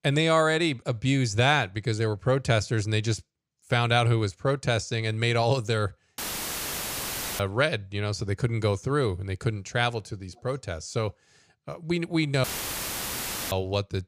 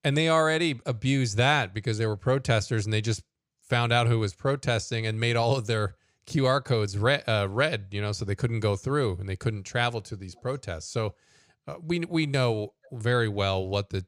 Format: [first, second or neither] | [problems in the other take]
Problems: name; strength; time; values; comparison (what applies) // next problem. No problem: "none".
second | audio cutting out; filled with static; at 6 s for 1 s and at 12 s for 1 s